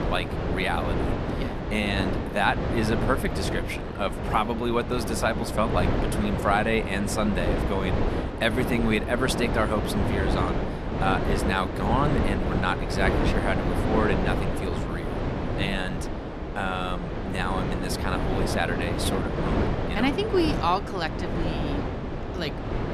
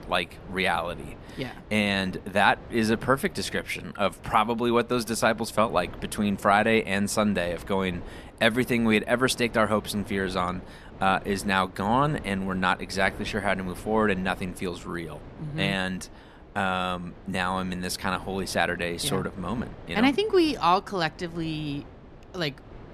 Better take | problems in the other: second | wind noise on the microphone; heavy; 3 dB below the speech; occasional gusts in the second

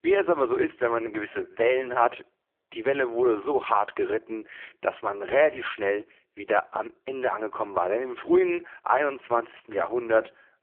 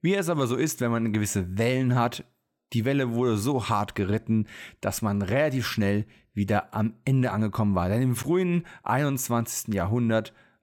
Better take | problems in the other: second | phone-call audio; poor line

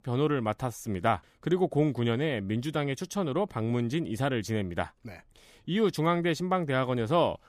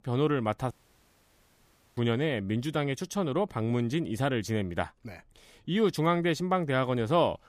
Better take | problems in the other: first | audio cutting out; at 0.5 s for 1.5 s

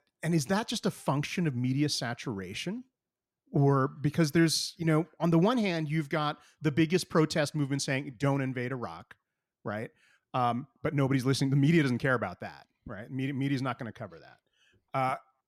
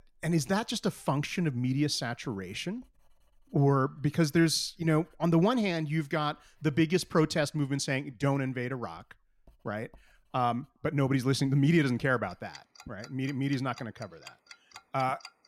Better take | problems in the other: first | household noises; faint; throughout; 25 dB below the speech

